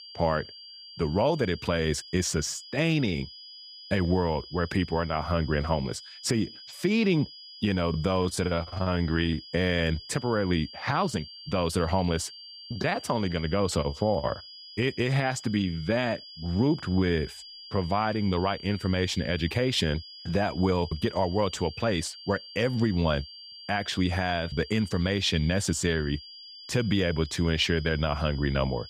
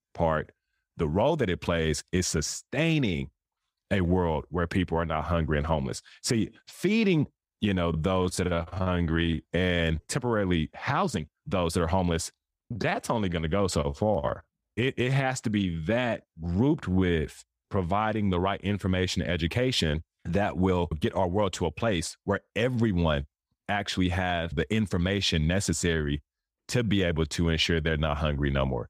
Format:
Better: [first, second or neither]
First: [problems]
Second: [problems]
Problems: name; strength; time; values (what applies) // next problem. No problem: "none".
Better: second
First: high-pitched whine; noticeable; throughout; 4.5 kHz, 15 dB below the speech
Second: none